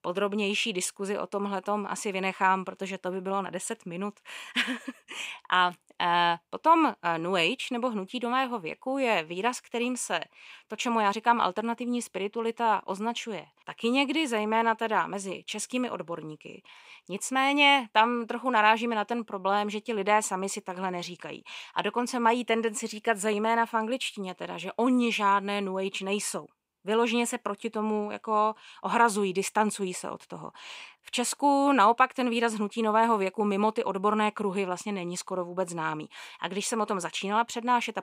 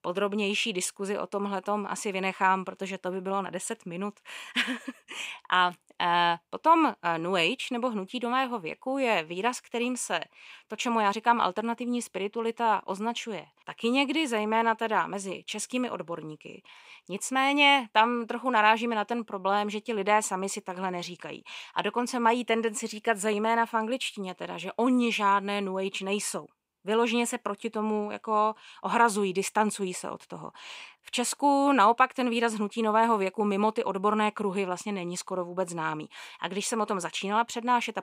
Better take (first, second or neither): neither